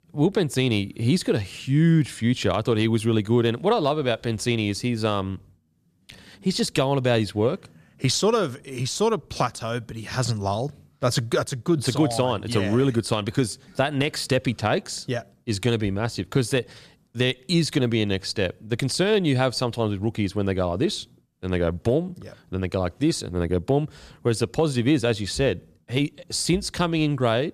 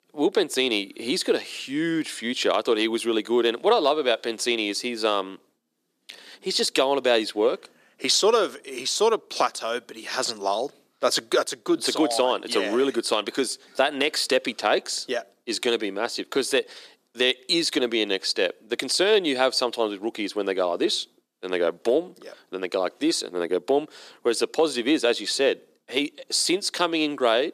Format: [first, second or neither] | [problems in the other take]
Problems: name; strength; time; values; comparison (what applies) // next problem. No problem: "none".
first | thin; somewhat; fading below 300 Hz